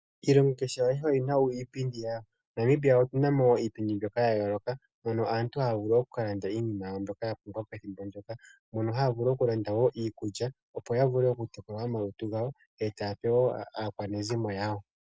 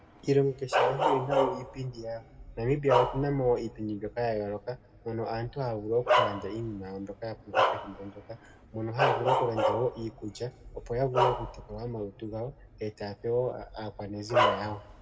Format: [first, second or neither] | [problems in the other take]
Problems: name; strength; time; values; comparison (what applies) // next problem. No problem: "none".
first | background sound (Bark); as loud as the speech // room echo; dies away in 1.5 s